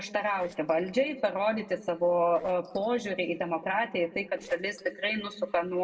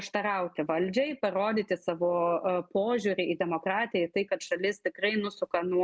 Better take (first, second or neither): second